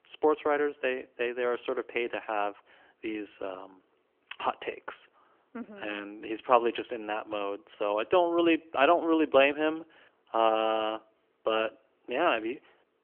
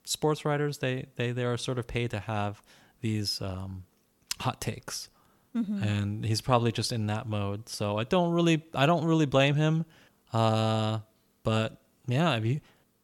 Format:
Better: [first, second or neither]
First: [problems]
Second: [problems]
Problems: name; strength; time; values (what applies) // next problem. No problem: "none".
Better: second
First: phone-call audio; nothing above 3 kHz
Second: none